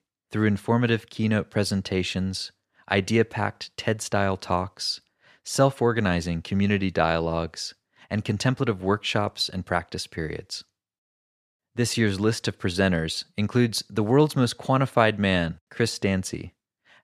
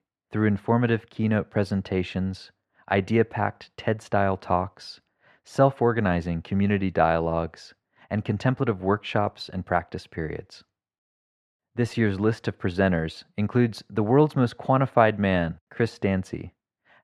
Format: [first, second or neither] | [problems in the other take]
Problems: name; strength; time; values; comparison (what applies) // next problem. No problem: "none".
first | muffled; slightly; fading above 3.5 kHz